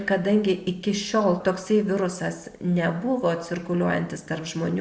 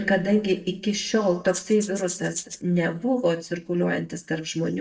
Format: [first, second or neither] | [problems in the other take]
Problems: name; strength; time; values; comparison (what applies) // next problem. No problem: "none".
first | noise reduction (neural mask model DeepFilterNet 3)